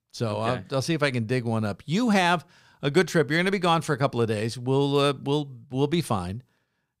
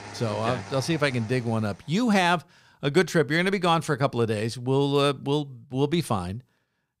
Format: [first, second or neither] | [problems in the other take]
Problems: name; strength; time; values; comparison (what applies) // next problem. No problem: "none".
first | traffic noise; noticeable; until 1.5 s; 15 dB below the speech